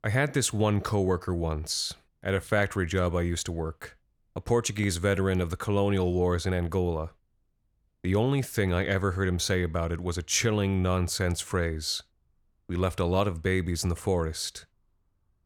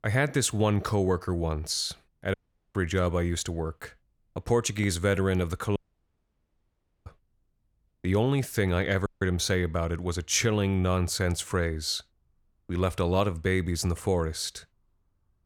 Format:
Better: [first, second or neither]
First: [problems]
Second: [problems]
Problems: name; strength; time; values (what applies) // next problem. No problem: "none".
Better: first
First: none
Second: audio cutting out; at 2.5 s, at 6 s for 1.5 s and at 9 s